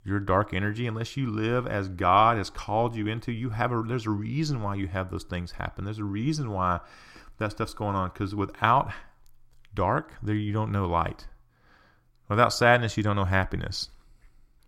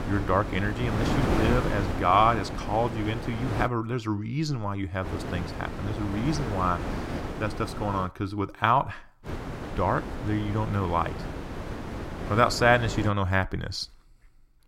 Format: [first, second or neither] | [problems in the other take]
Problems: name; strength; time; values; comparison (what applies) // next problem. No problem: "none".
first | wind noise on the microphone; heavy; until 3.5 s, from 5 to 8 s and from 9.5 to 13 s; 9 dB below the speech